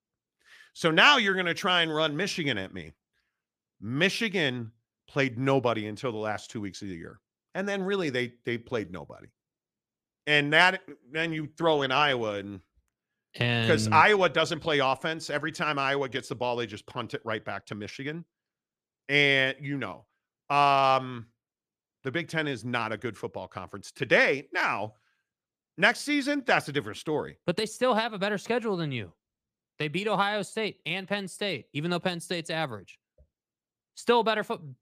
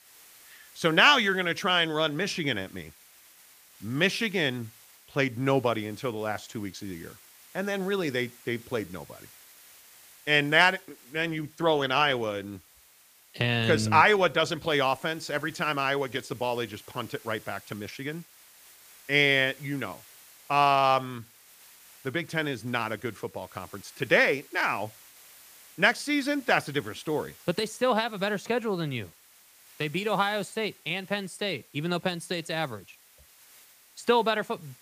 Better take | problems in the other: first | hiss; faint; throughout; 25 dB below the speech

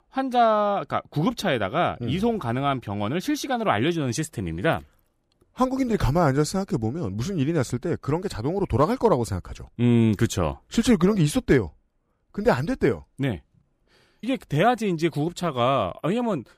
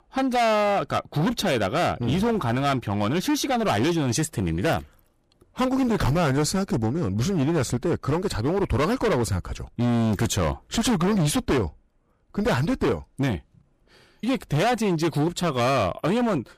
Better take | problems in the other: first | distortion; heavy; 20% of the sound clipped

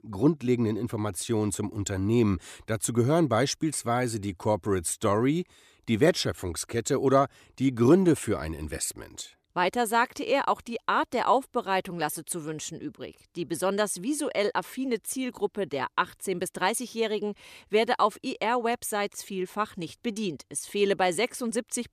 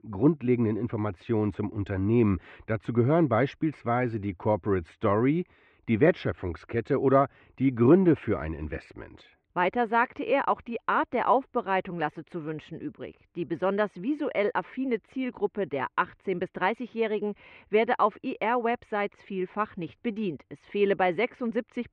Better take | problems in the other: first | muffled; very; fading above 2.5 kHz

